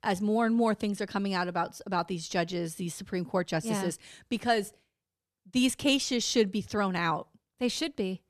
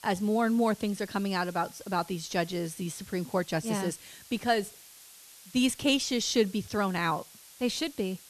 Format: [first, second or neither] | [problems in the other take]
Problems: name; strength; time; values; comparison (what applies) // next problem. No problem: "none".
first | hiss; noticeable; throughout; 20 dB below the speech